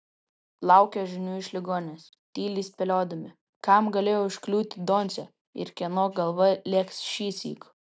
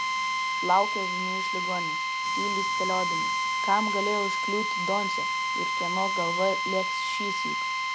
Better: first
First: none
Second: background sound (Drill); 4 dB above the speech

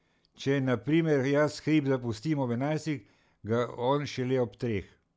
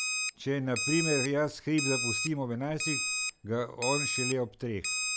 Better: first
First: none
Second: background sound (Alarm); 2 dB below the speech

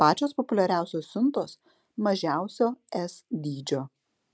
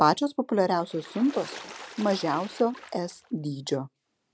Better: first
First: none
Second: background sound (Water / Splash, splatter); 16 dB below the speech

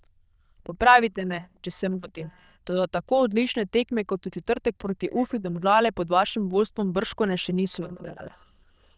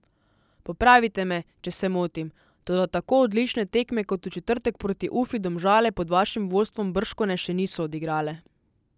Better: second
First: noise reduction (neural diffusion model UNIVERSE++)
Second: none

